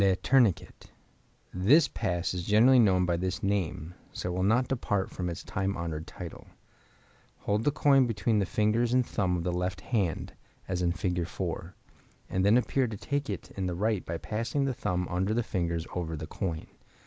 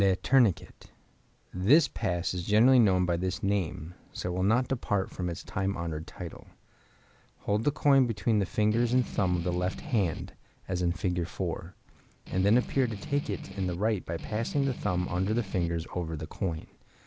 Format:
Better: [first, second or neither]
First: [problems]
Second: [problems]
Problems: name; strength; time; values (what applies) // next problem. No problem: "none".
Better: first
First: none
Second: background sound (Strum); 12 dB below the speech